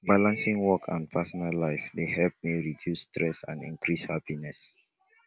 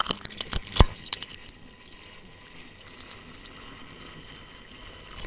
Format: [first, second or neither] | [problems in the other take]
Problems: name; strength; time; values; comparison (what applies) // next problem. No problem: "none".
first | noise reduction (neural separator model SepFormer WHAMR!)